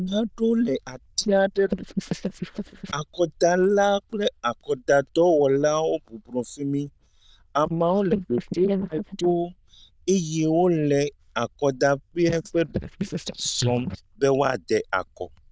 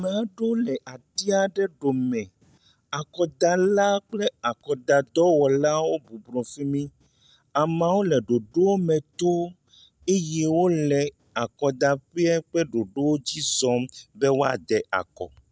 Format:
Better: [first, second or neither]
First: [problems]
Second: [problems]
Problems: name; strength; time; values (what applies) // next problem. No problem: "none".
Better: second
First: noise reduction (neural diffusion model UNIVERSE++)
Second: none